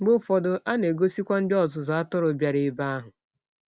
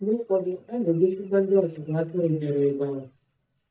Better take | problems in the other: first | noise reduction (neural mask model DeepFilterNet 3)

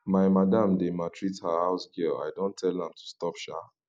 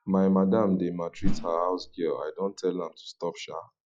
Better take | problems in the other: first | noise reduction (classical method log-MMSE)

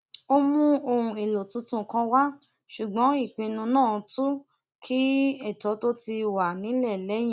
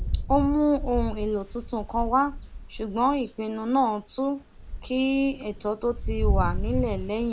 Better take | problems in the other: first | background sound (Rain); 4 dB below the speech

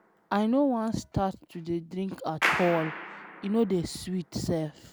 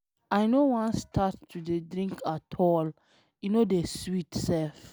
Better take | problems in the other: second | background sound (Clapping); 8 dB below the speech

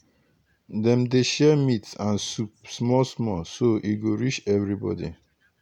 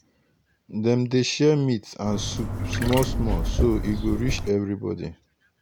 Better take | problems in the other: first | background sound (Trickle, dribble / Chirp, tweet); 1 dB below the speech

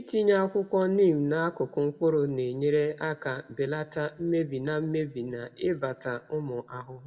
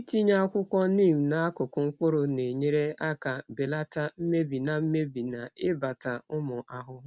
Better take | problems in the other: second | room echo; dies away in 1.1 s

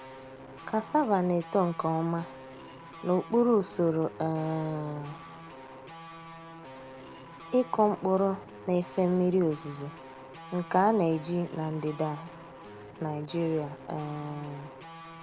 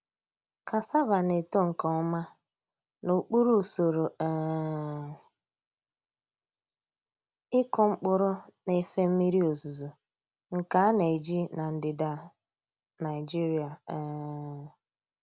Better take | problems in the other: second | background sound (Guitar); 16 dB below the speech

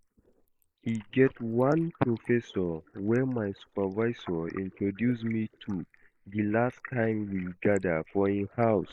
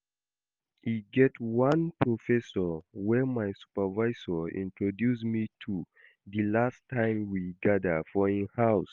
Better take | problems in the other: second | noise reduction (neural mask model Resemble Enhance denoiser)

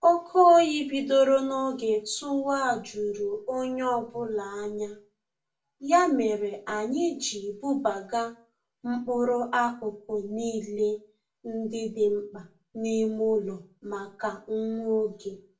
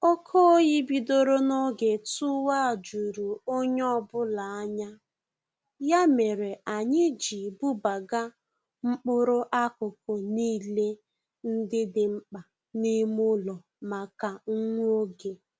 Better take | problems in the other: second | room echo; dies away in 0.2 s

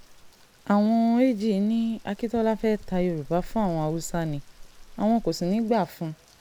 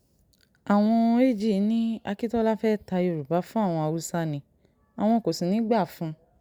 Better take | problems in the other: second | background sound (Rain); 16 dB below the speech

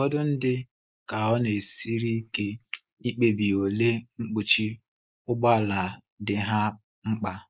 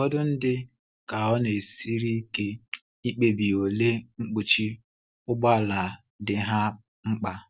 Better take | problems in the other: second | noise reduction (neural mask model Resemble Enhance denoiser)

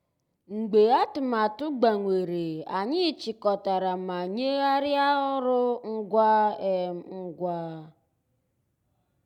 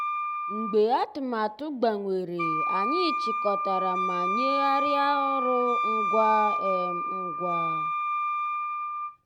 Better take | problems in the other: first | background sound (Wind instrument, woodwind instrument); 1 dB above the speech

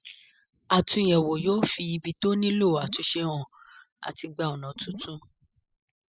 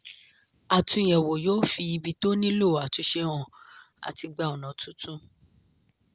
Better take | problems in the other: second | noise reduction (classical method spectral subtraction)

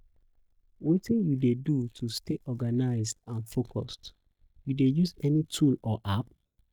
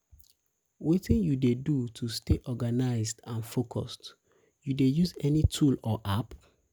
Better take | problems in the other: second | noise reduction (neural mask model DeepFilterNet 3)

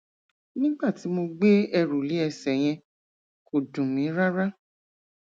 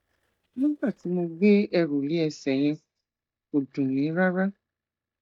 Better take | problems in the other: first | noise reduction (neural mask model DeepFilterNet 3)

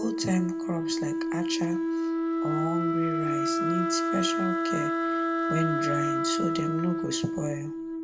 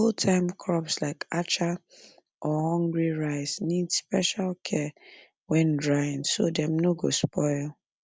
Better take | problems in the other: second | background sound (Wind instrument, woodwind instrument); 4 dB above the speech // room echo; dies away in 0.4 s

